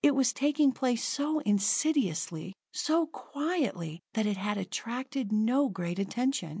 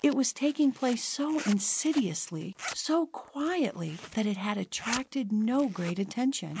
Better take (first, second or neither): first